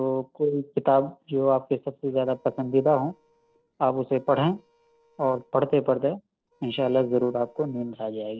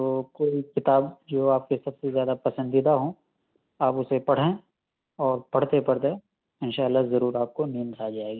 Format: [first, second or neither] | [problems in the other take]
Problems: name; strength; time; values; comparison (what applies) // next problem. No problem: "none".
second | noise reduction (neural separator model SepFormer DNS4)